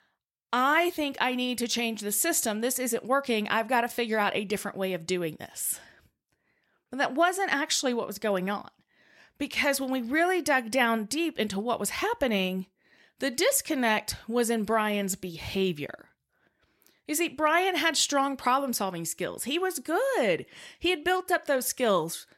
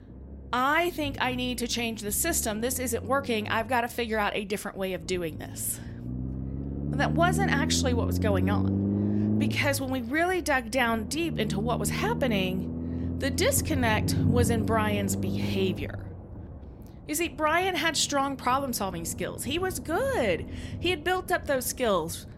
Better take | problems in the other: first | low rumble; noticeable; throughout; 10 dB below the speech

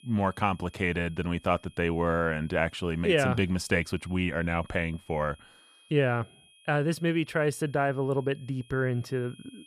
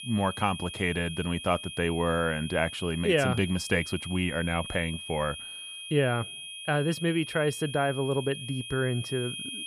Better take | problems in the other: first | high-pitched whine; loud; throughout; 3 kHz, 9 dB below the speech; faint in the first

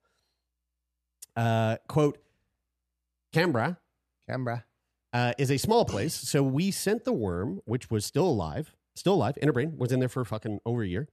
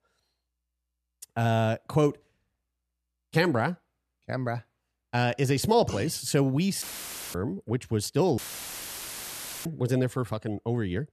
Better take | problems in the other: first | audio cutting out; filled with static; at 7 s for 0.5 s and at 8.5 s for 1.5 s

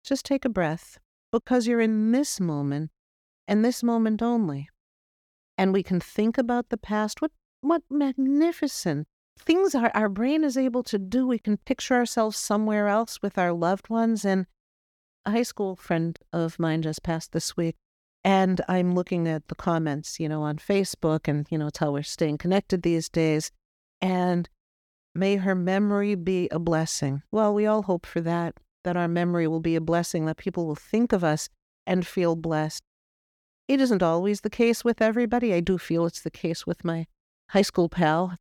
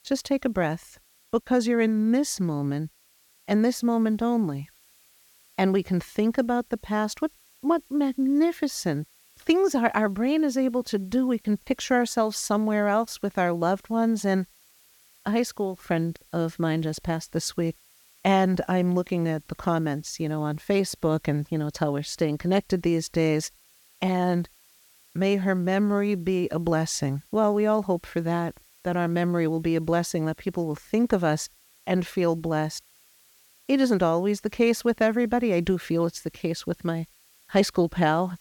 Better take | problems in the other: first | hiss; faint; throughout; 30 dB below the speech

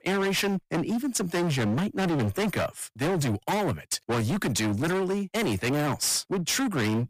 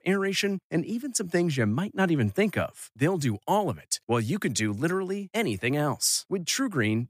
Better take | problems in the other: second | distortion; heavy; 35% of the sound clipped

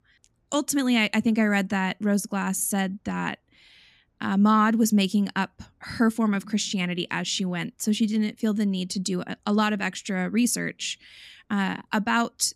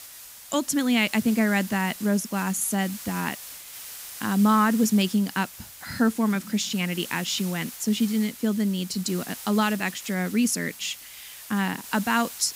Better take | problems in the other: first | hiss; noticeable; throughout; 15 dB below the speech

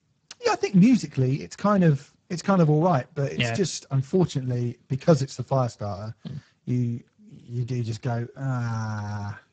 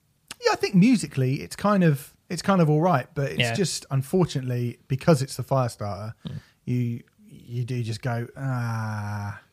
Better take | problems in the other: second | garbled, watery; badly; nothing above 7.5 kHz

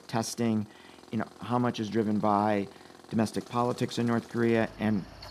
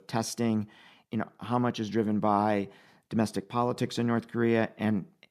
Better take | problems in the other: second | machinery noise; faint; throughout; 20 dB below the speech

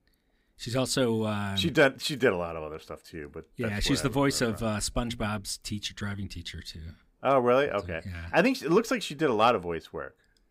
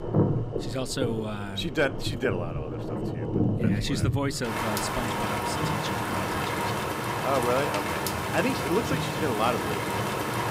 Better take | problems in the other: first | rain or running water; very loud; throughout; 2 dB above the speech

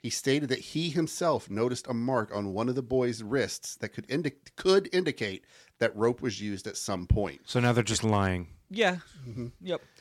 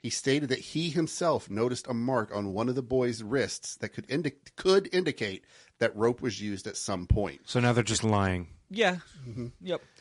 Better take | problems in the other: first | garbled, watery; slightly; nothing above 11 kHz

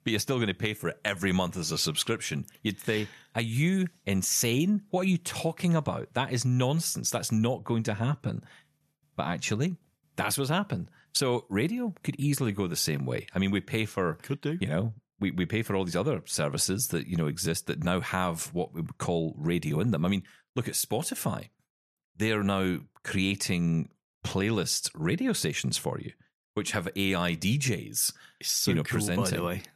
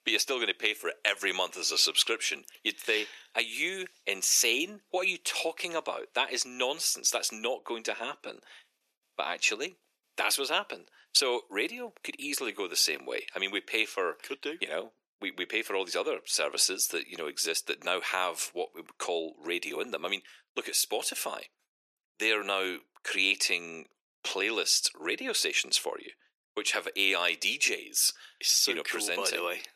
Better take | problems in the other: first | thin; very; fading below 350 Hz

